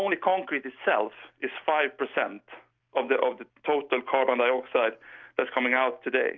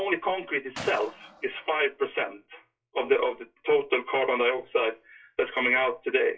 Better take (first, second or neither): first